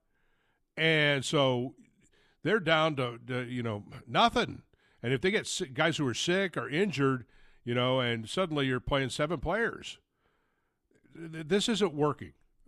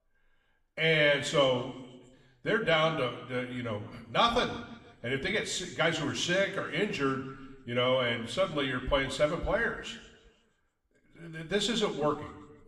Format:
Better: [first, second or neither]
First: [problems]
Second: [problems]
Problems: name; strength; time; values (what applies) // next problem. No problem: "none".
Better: first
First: none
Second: room echo; slight; dies away in 1 s